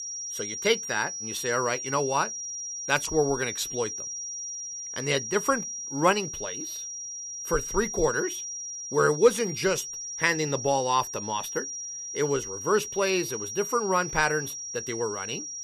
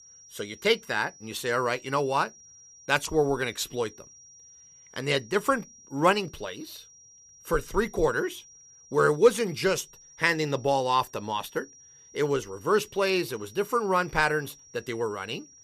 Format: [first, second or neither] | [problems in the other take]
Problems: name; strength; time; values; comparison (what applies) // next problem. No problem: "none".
second | high-pitched whine; loud; throughout; 5.5 kHz, 6 dB below the speech; faint in the second